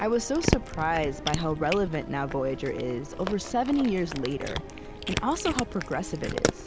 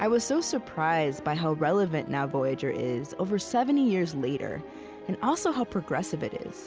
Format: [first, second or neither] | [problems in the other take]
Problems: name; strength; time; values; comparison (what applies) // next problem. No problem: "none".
second | background sound (Cat); 5 dB below the speech